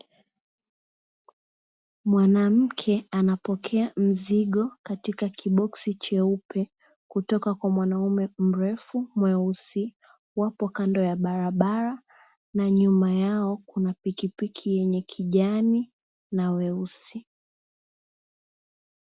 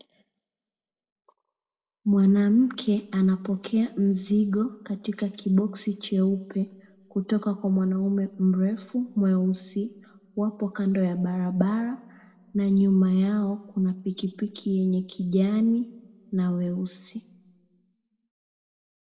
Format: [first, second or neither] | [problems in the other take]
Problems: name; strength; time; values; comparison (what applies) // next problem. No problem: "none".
first | room echo; dies away in 0.9 s